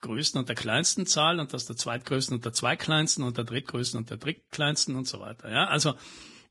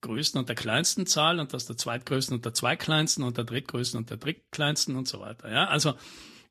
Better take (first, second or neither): second